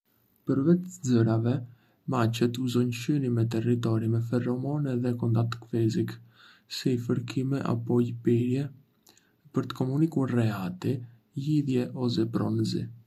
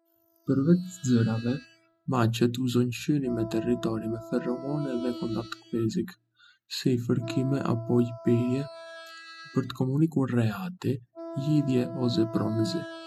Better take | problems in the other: first | noise reduction (classical method spectral subtraction)

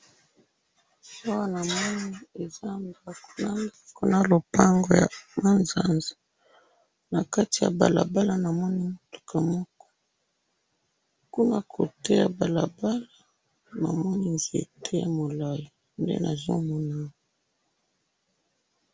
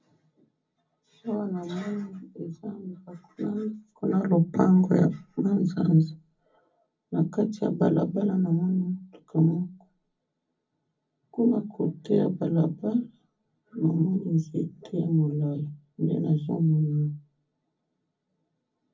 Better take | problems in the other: first | room echo; dies away in 0.4 s

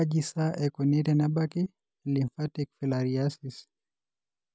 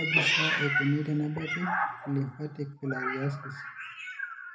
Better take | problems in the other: first | background sound (Meow); 1 dB above the speech // room echo; dies away in 0.3 s

